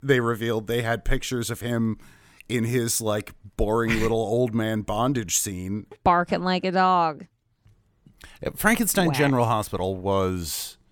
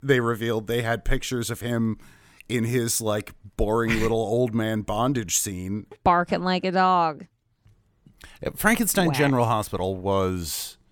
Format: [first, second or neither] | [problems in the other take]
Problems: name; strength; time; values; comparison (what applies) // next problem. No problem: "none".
neither | none